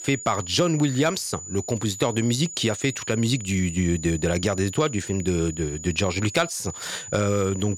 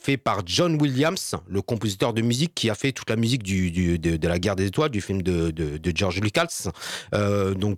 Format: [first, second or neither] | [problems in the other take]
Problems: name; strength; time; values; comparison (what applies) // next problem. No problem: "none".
second | high-pitched whine; noticeable; throughout; 7 kHz, 10 dB below the speech